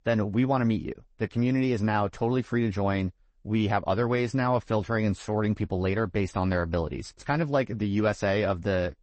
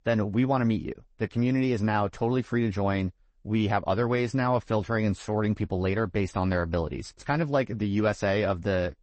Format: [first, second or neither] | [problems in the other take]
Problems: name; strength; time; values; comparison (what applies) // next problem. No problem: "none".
neither | garbled, watery; slightly; nothing above 8 kHz; the same in both